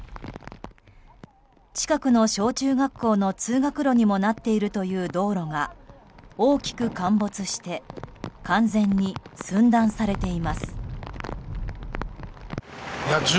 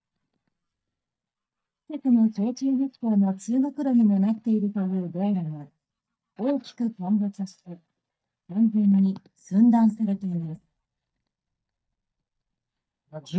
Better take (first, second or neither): first